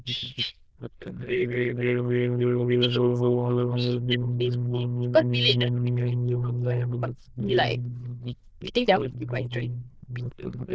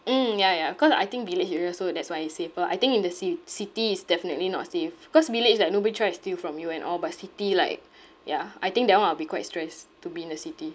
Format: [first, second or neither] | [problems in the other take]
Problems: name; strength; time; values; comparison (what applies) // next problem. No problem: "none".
second | noise reduction (neural diffusion model UNIVERSE++)